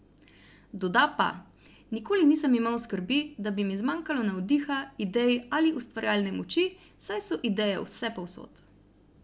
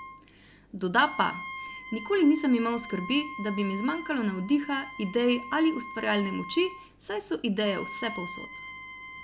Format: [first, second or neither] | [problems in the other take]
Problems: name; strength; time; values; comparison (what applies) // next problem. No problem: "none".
first | background sound (Wind instrument, woodwind instrument); 13 dB below the speech